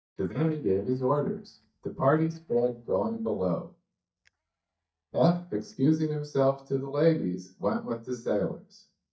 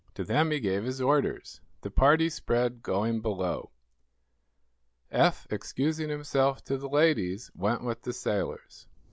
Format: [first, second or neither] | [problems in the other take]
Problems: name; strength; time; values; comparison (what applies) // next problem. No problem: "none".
second | noise reduction (neural mask model DeepFilterNet 3)